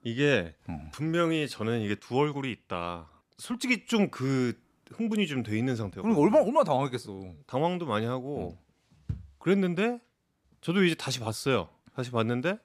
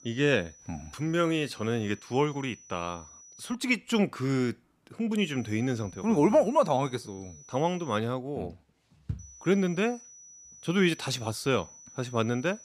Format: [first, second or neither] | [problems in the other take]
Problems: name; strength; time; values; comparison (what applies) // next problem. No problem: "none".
first | high-pitched whine; faint; until 3.5 s, from 5 to 8 s and from 9 s on; 6 kHz, 20 dB below the speech